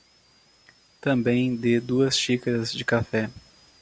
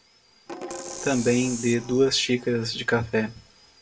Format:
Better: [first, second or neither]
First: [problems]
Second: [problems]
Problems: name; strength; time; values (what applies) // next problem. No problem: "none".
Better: first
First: none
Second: background sound (Percussion); 12 dB below the speech // room echo; dies away in 0.2 s